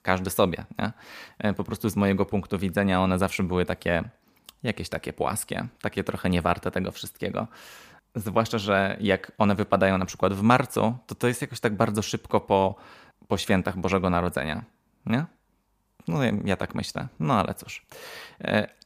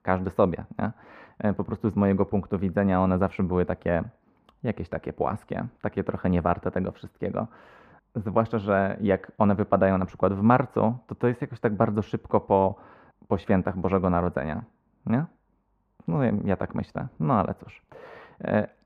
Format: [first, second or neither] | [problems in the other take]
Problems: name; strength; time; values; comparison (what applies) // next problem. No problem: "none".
first | muffled; very; fading above 3 kHz